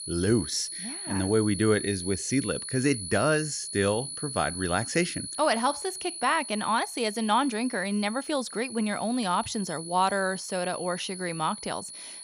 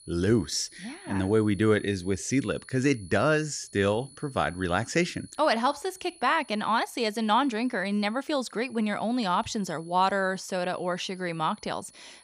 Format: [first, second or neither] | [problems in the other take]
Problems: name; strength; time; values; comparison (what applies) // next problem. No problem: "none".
second | high-pitched whine; loud; throughout; 10 kHz, 8 dB below the speech; faint in the second